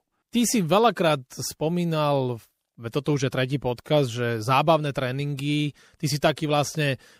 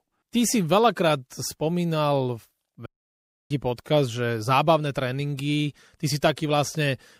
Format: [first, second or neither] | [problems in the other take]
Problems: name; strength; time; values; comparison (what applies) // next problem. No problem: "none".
first | audio cutting out; at 3 s for 0.5 s